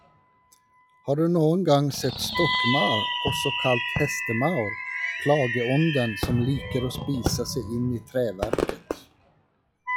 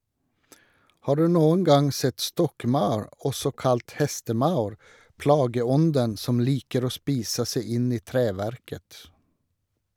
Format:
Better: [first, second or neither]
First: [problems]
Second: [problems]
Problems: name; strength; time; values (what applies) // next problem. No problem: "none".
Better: second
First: noise reduction (classical method log-MMSE)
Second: none